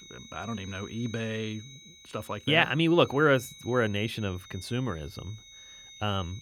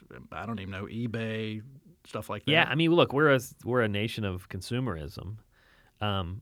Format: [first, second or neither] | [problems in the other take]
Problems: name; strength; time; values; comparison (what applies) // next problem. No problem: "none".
second | high-pitched whine; noticeable; throughout; 4 kHz, 20 dB below the speech